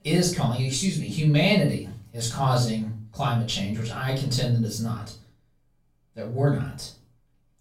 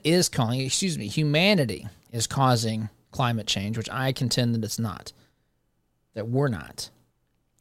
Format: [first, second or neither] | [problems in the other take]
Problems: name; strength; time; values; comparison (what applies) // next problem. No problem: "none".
second | room echo; slight; dies away in 0.3 s // off-mic speech; far